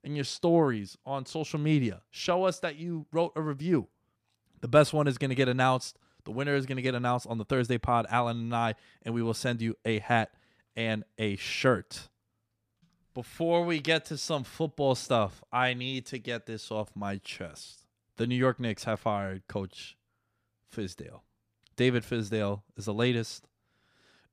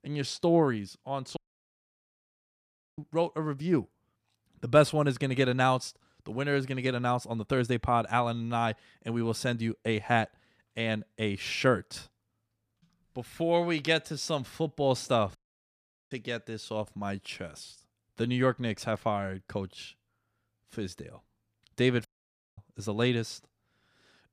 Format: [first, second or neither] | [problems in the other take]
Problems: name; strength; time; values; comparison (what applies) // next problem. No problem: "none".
first | audio cutting out; at 1.5 s for 1.5 s, at 15 s for 1 s and at 22 s for 0.5 s